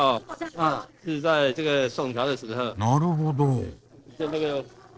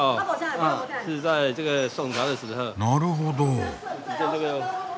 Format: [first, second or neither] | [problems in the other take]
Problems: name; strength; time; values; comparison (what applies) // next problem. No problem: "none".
second | noise reduction (neural separator model SepFormer DNS4)